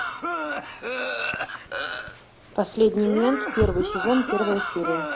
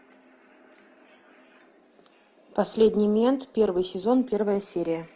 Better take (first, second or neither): second